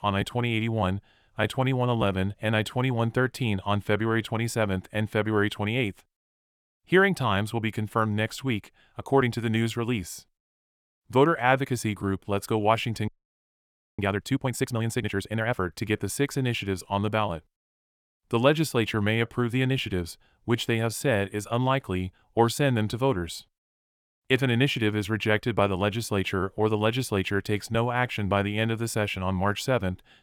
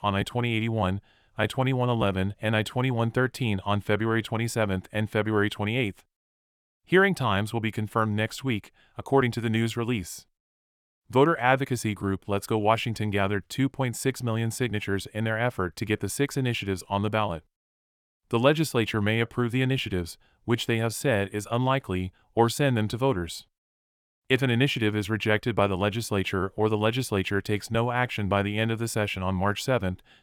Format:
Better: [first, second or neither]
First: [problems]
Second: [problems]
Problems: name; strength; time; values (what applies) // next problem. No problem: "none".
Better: second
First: audio freezing; at 13 s for 1 s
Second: none